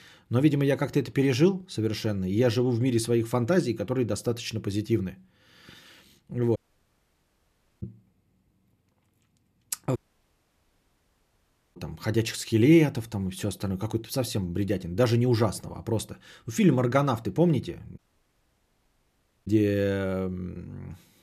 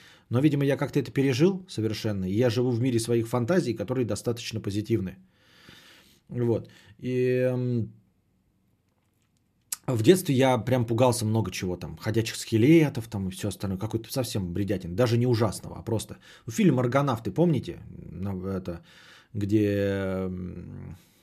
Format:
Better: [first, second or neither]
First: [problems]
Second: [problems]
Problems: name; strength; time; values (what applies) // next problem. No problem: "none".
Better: second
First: audio cutting out; at 6.5 s for 1.5 s, at 10 s for 2 s and at 18 s for 1.5 s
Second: none